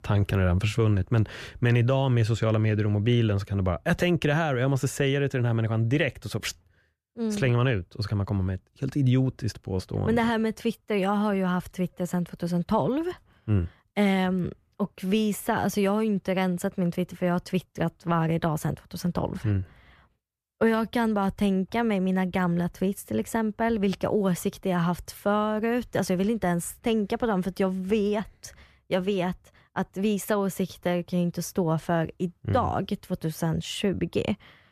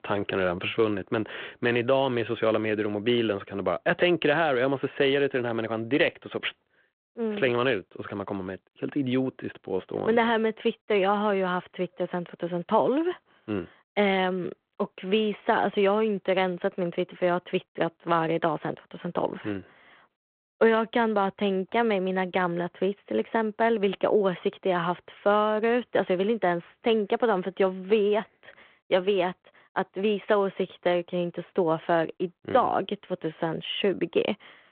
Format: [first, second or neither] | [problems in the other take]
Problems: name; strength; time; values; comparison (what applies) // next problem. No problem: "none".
first | phone-call audio